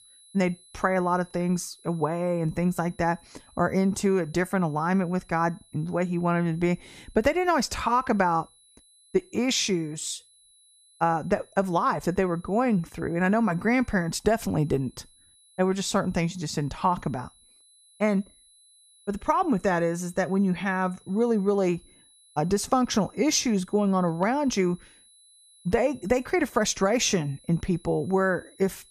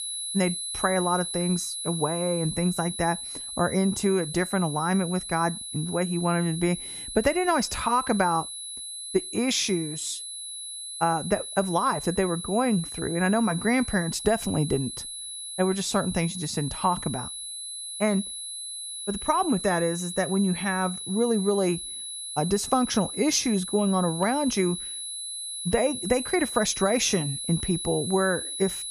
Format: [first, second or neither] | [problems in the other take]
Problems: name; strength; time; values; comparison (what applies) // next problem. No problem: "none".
first | high-pitched whine; loud; throughout; 10.5 kHz, 7 dB below the speech; faint in the first